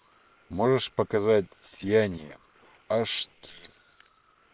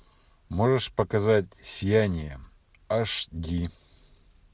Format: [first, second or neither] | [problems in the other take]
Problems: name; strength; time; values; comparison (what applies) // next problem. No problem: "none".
second | noise reduction (neural separator model SepFormer WHAM!)